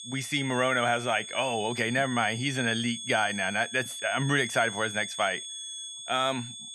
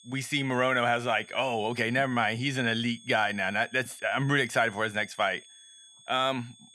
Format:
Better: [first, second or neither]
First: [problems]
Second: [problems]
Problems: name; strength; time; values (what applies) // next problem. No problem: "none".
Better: second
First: high-pitched whine; loud; throughout; 3.5 kHz, 9 dB below the speech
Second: high-pitched whine; faint; throughout; 3.5 kHz, 25 dB below the speech